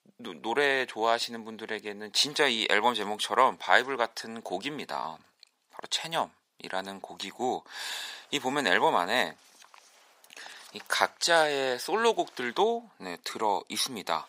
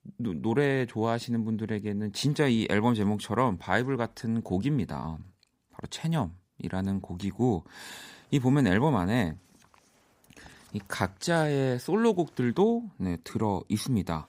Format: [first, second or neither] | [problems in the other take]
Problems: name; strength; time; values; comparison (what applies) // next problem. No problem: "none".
second | thin; very; fading below 700 Hz